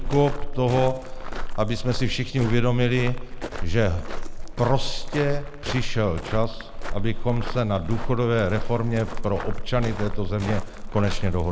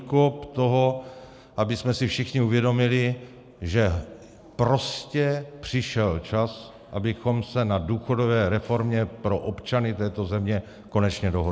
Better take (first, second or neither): second